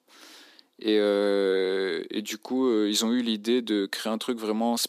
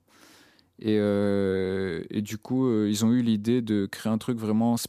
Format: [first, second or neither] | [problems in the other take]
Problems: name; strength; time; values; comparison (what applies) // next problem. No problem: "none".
second | thin; very slightly; fading below 250 Hz